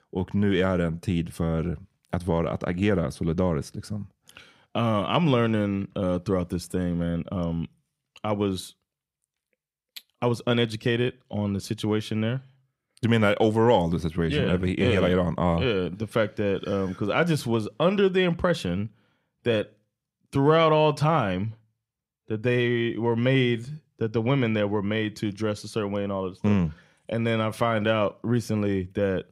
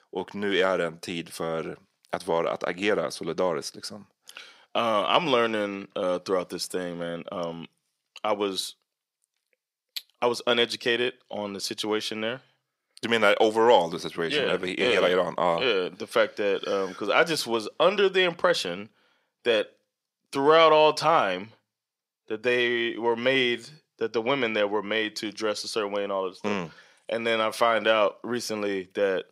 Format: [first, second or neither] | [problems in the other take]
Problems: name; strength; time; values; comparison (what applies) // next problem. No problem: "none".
first | thin; somewhat; fading below 450 Hz